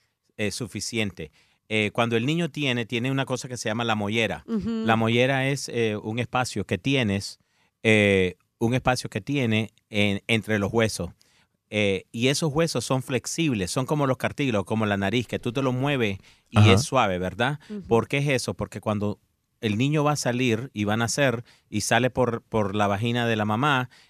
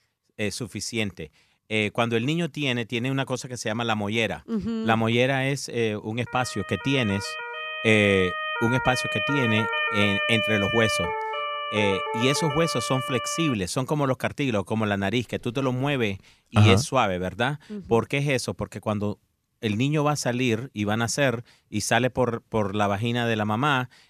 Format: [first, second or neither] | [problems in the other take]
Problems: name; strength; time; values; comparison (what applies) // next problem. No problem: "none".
first | siren; loud; from 6.5 to 14 s; peak 1 dB above the speech